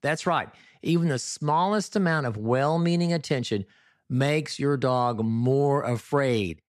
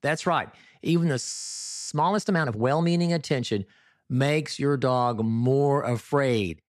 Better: first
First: none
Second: audio freezing; at 1.5 s for 0.5 s

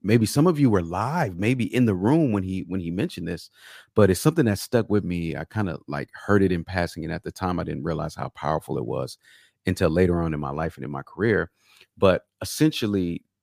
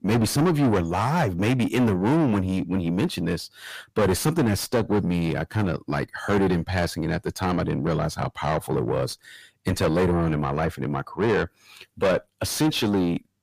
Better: first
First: none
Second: distortion; heavy; 6 dB below the speech

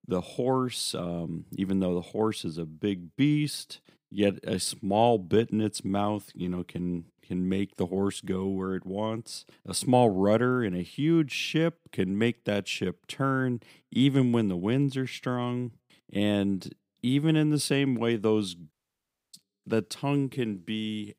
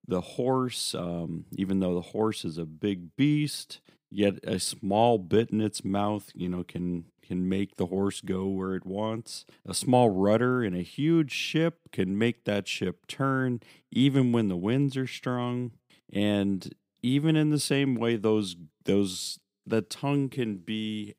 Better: second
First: audio cutting out; at 19 s for 0.5 s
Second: none

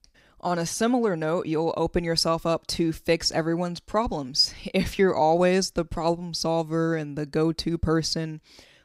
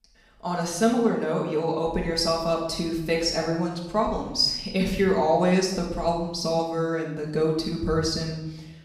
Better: first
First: none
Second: room echo; noticeable; dies away in 0.8 s // off-mic speech; far

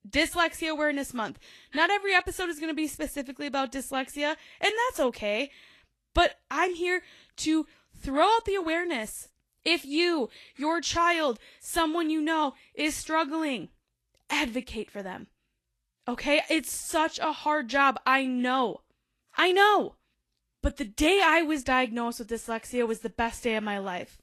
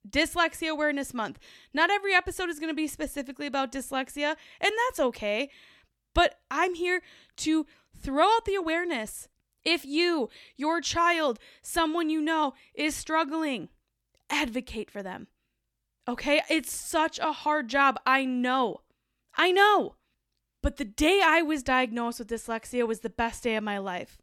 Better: second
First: garbled, watery; slightly; nothing above 12.5 kHz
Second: none

